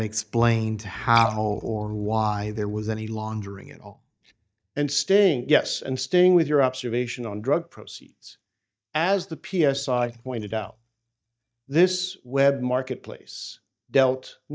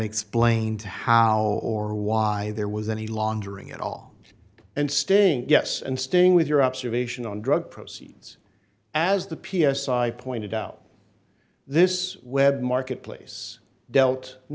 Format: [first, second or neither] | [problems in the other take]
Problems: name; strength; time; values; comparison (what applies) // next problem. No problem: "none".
second | noise reduction (neural mask model DeepFilterNet 3)